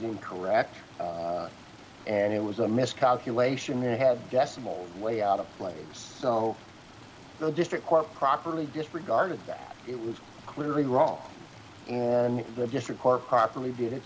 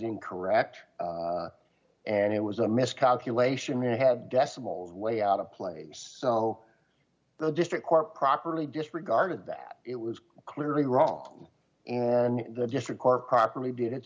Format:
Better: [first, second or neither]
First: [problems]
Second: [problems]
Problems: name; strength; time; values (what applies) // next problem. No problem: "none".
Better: second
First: background sound (Stream); 20 dB below the speech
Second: none